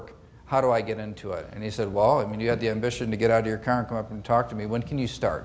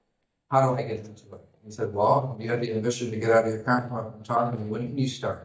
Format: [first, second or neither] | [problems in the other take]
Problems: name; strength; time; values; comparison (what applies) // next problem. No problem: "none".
first | noise reduction (neural mask model DeepFilterNet 3)